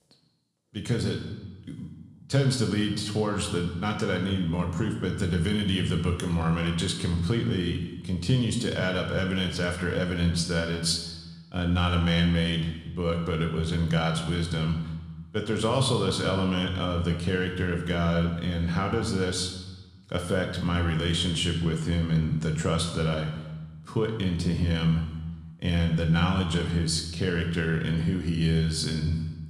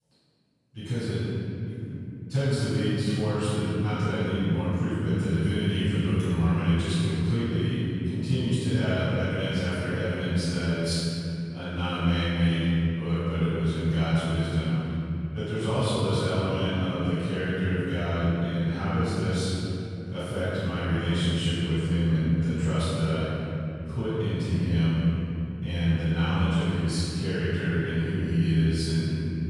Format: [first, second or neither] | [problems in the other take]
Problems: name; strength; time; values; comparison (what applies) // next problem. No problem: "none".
first | room echo; strong; dies away in 3 s; slight in the first // off-mic speech; far